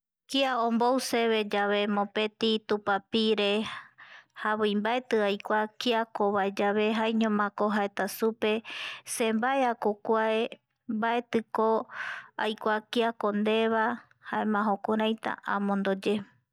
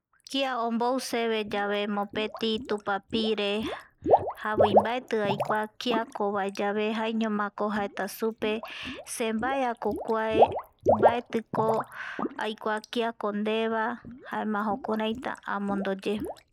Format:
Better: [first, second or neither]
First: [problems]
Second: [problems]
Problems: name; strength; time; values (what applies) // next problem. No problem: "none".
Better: first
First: none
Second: noise reduction (neural mask model Resemble Enhance denoiser)